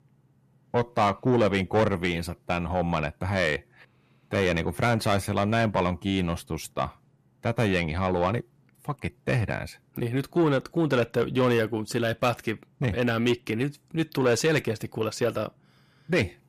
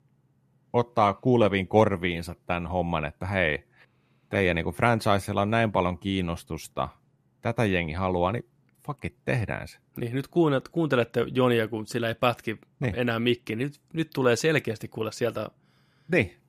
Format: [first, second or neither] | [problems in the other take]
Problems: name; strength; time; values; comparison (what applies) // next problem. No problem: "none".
second | distortion; slight; 10 dB below the speech